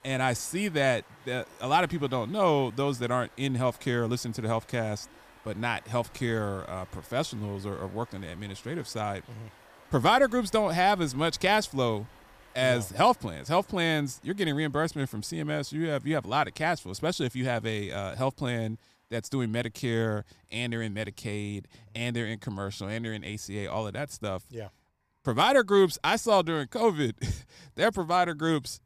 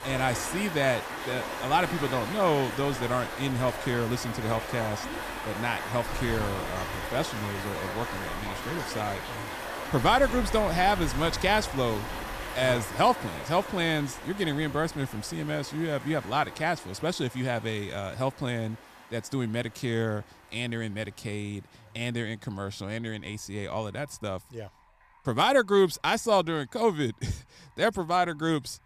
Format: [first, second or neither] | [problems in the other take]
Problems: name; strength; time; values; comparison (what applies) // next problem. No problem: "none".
first | rain or running water; loud; throughout; 7 dB below the speech; faint in the first